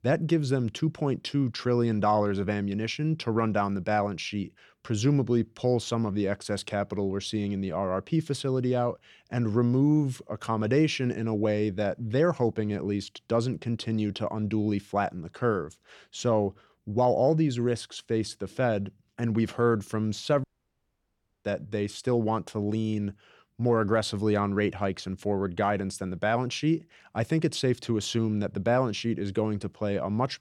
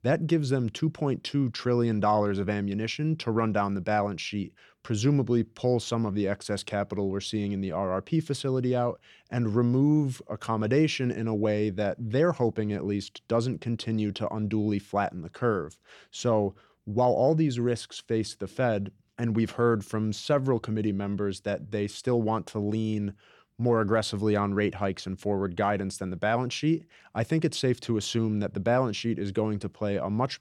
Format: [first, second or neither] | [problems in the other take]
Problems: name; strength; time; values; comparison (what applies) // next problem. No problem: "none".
second | audio cutting out; at 20 s for 1 s